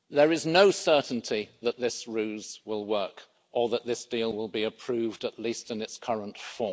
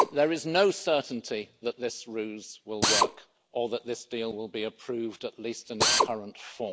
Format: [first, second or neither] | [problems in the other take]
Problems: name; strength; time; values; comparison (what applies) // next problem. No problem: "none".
first | background sound (Drill); 1 dB below the speech